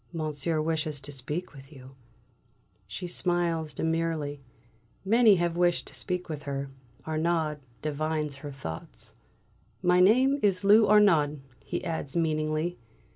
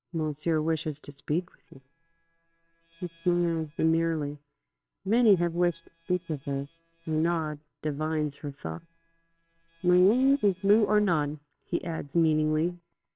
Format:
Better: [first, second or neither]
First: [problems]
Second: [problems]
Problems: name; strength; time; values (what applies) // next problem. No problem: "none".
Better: first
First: none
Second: noise reduction (neural separator model SepFormer WHAMR!)